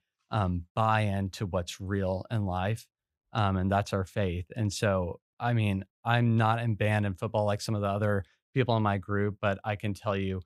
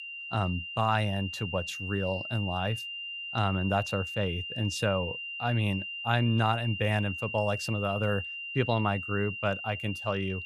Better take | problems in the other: first | high-pitched whine; loud; throughout; 3 kHz, 5 dB below the speech

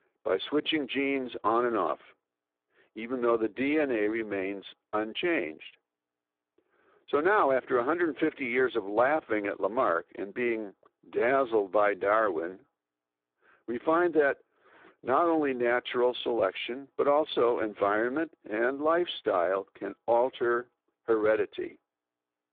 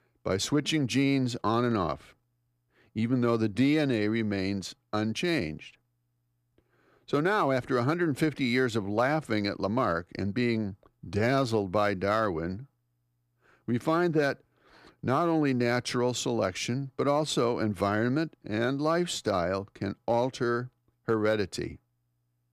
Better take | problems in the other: second | phone-call audio; poor line

